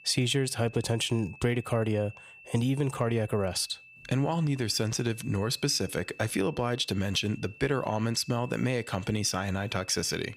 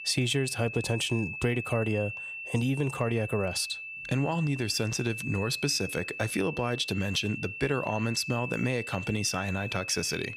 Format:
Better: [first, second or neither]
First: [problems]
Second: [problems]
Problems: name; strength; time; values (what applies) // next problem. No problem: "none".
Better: first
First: high-pitched whine; faint; throughout; 2.5 kHz, 20 dB below the speech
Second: high-pitched whine; loud; throughout; 2.5 kHz, 7 dB below the speech